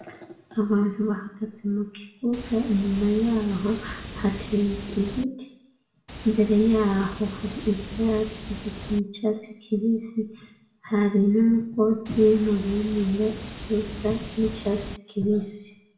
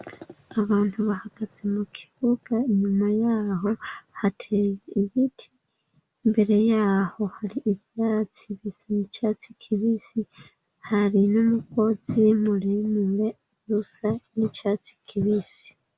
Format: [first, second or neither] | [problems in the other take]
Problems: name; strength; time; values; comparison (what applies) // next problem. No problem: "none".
second | background sound (Water); 12 dB below the speech // room echo; dies away in 0.6 s